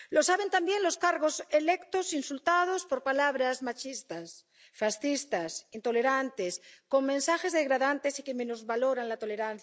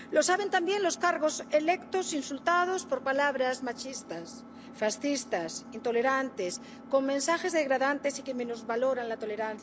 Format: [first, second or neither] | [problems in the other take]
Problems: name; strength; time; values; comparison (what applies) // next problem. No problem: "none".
first | background sound (Engine); 17 dB below the speech